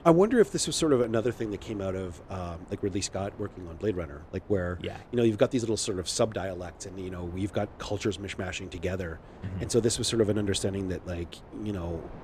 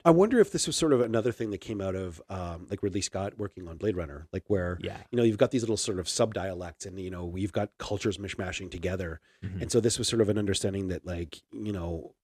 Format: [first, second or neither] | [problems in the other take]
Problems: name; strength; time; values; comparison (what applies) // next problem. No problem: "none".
second | wind noise on the microphone; occasional gusts; 20 dB below the speech